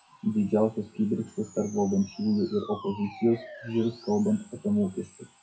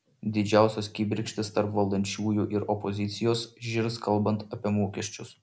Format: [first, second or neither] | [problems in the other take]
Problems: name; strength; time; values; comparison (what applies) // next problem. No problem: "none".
second | noise reduction (classical method WPE with log-MMSE)